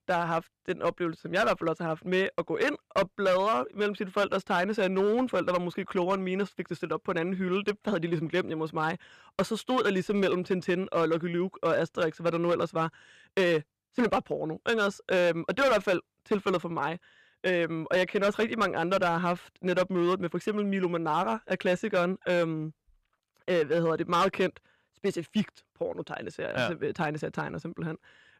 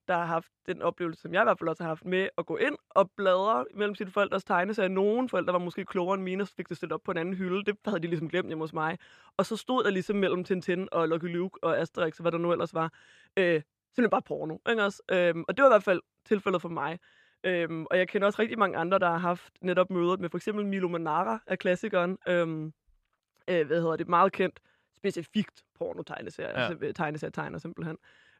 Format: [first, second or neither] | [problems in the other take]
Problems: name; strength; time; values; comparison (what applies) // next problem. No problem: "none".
second | distortion; slight; 5% of the sound clipped